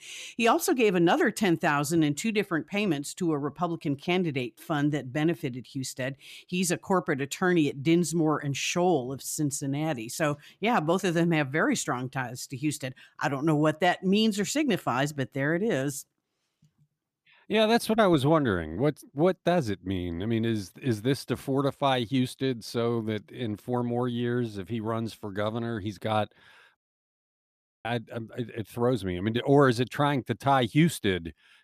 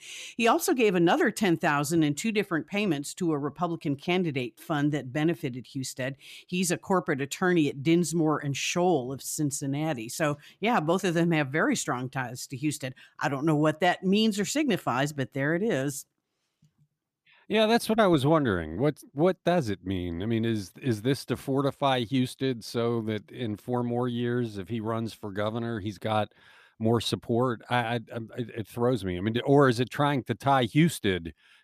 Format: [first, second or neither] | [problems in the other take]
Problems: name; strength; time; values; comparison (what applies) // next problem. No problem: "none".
second | audio cutting out; at 27 s for 1 s